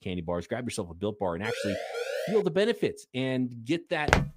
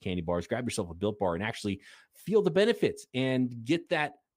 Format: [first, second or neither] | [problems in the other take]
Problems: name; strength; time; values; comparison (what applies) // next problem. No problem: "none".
second | siren; noticeable; at 1.5 s; peak 2 dB below the speech // footsteps; very faint; at 4 s; peak 4 dB above the speech